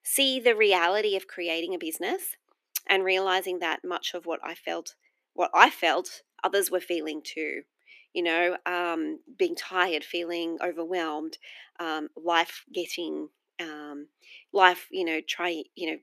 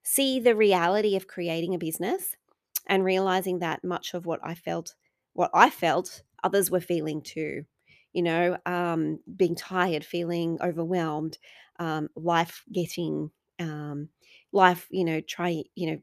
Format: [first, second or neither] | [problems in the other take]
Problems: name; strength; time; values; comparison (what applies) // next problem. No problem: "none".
second | thin; somewhat; fading below 250 Hz